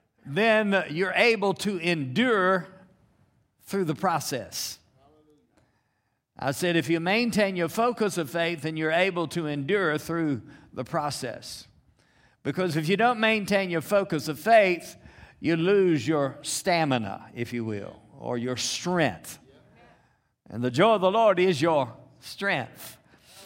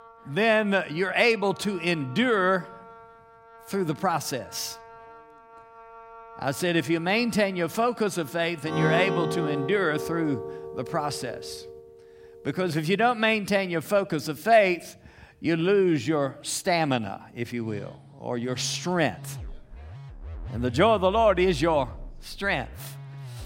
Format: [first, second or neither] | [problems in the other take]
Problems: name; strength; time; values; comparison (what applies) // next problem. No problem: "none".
first | background music; noticeable; throughout; 10 dB below the speech